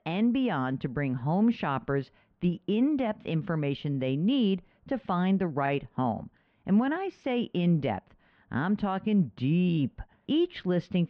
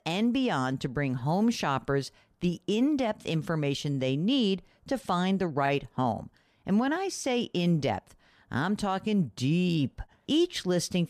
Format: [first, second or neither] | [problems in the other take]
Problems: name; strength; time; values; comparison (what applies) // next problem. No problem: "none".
second | muffled; very; fading above 3 kHz